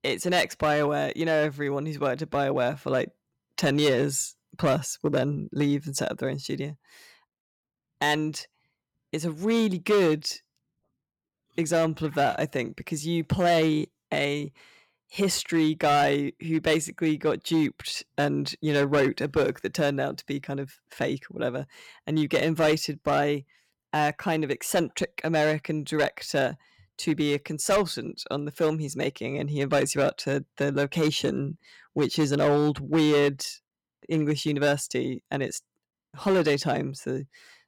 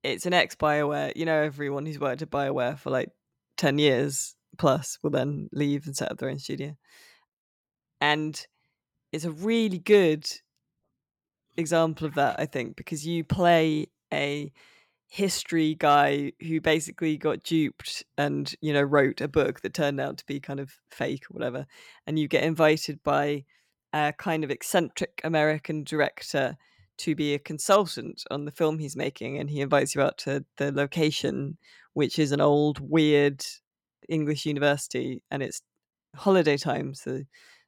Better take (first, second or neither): second